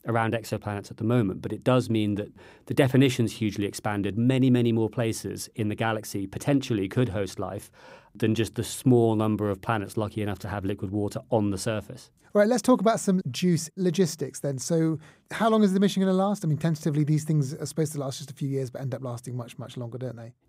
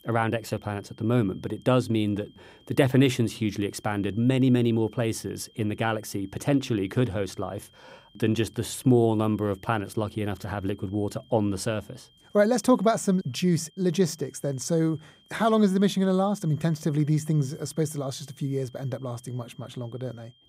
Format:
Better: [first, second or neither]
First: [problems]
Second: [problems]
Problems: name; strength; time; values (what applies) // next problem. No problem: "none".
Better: first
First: none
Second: high-pitched whine; faint; throughout; 3 kHz, 30 dB below the speech